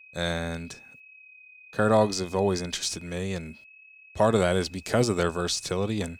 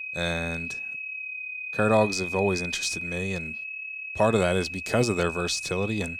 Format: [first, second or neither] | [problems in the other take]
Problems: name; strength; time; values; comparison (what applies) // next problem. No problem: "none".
first | high-pitched whine; loud; throughout; 2.5 kHz, 6 dB below the speech; faint in the first